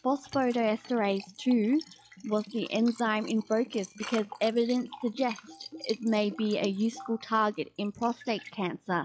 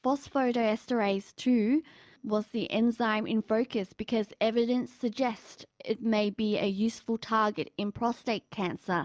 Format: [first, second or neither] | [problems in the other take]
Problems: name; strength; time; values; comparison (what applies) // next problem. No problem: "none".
second | noise reduction (classical method log-MMSE)